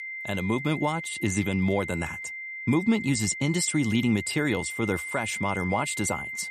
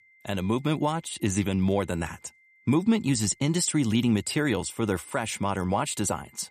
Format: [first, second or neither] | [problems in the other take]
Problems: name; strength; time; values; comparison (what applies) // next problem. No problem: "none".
second | high-pitched whine; loud; throughout; 2 kHz, 7 dB below the speech; faint in the second